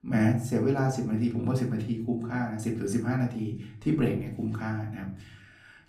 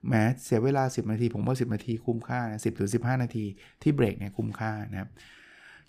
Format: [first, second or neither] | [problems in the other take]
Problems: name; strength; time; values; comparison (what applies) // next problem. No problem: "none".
second | room echo; slight; dies away in 0.5 s // off-mic speech; far